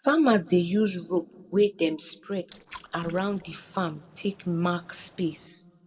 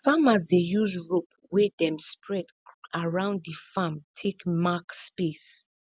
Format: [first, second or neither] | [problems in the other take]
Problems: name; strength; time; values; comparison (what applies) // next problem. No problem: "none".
second | noise reduction (neural separator model SepFormer DNS4)